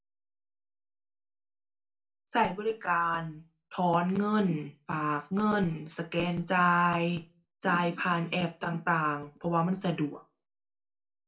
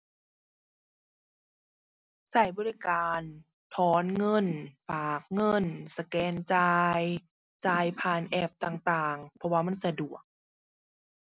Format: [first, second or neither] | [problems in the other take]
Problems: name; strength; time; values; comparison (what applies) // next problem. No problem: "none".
second | room echo; dies away in 0.2 s